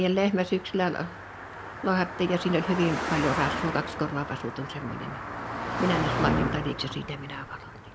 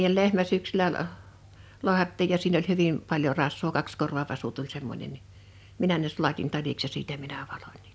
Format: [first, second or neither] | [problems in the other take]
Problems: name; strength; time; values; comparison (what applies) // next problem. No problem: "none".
second | background sound (Brass instrument + Car passing by); 4 dB below the speech